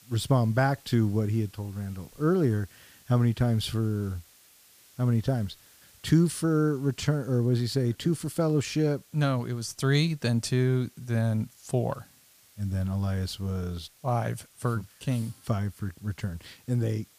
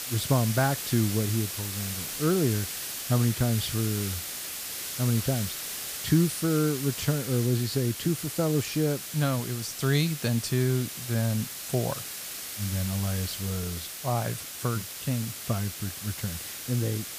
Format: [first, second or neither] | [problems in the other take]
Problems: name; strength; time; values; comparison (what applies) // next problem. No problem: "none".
first | hiss; loud; throughout; 5 dB below the speech; faint in the first